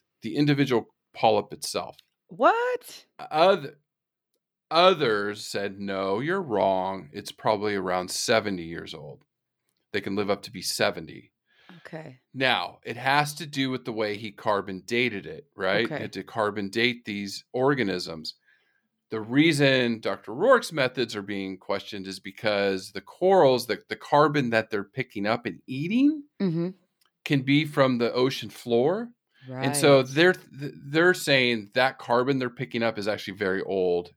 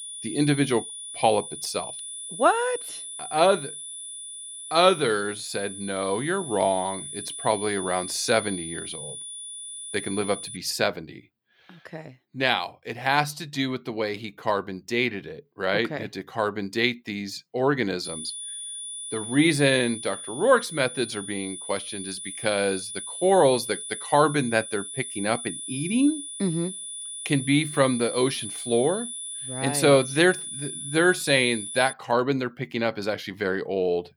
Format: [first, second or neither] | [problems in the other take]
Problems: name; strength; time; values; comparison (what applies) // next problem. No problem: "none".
first | high-pitched whine; loud; until 11 s and from 18 to 32 s; 9.5 kHz, 9 dB below the speech